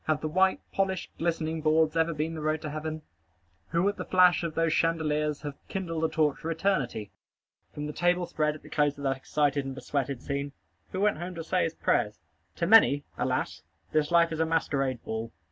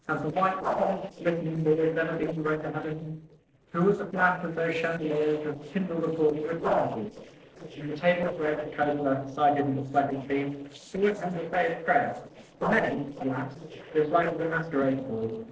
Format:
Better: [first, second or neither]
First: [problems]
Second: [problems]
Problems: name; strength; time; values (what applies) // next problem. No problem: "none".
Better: first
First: none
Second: noise reduction (neural separator model SepFormer DNS4)